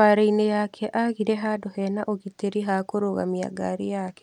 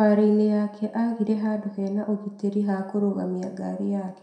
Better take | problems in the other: first | room echo; dies away in 0.6 s

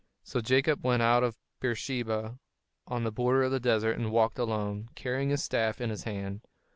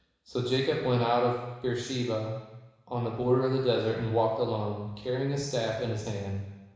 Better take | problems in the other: first | room echo; dies away in 1 s

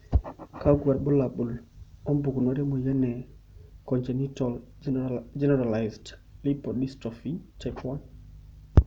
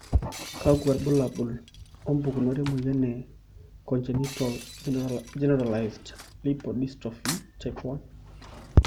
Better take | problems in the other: first | background sound (Shatter + Cutlery, silverware / Drawer open or close); 16 dB below the speech

